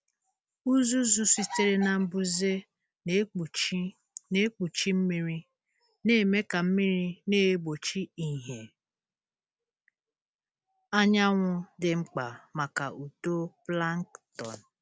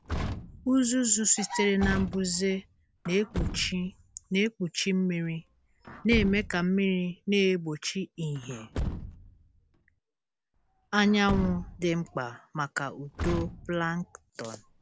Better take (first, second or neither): first